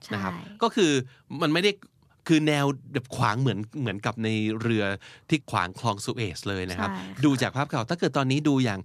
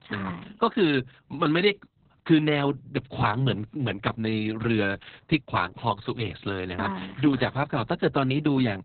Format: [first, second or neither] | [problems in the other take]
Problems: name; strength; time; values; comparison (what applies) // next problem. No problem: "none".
first | garbled, watery; badly; nothing above 4 kHz